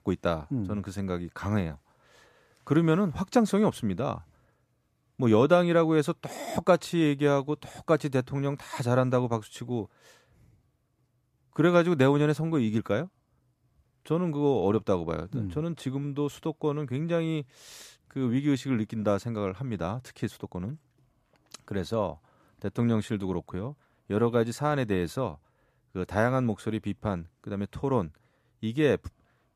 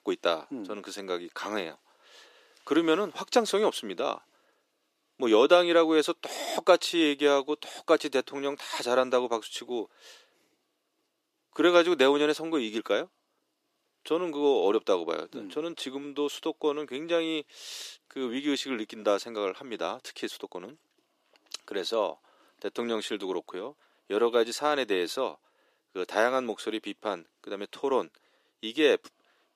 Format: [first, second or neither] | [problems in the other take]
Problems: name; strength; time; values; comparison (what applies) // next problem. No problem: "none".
first | thin; somewhat; fading below 350 Hz